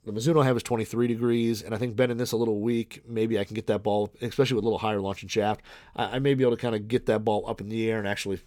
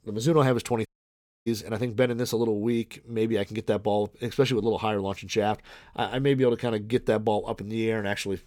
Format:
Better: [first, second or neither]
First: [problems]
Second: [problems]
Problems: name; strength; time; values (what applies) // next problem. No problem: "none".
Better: first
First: none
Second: audio cutting out; at 1 s for 0.5 s